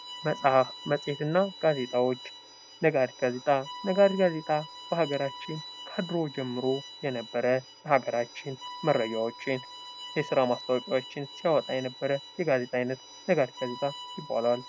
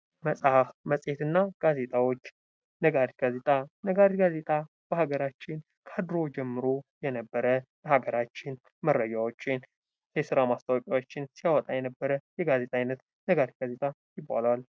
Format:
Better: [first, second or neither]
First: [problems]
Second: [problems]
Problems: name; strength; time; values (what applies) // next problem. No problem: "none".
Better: second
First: background sound (Bowed string instrument); 15 dB below the speech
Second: none